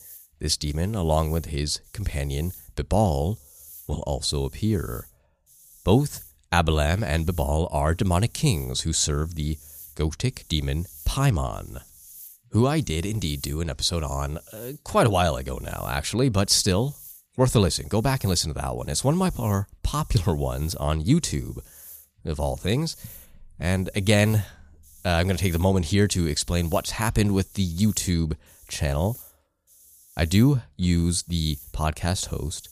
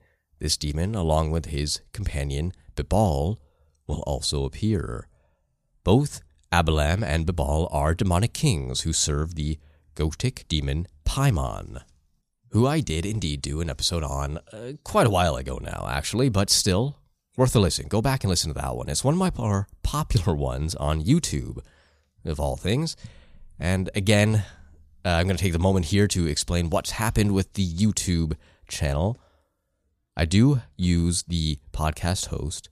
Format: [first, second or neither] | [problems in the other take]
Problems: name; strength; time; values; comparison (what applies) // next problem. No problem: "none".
second | hiss; faint; throughout; 20 dB below the speech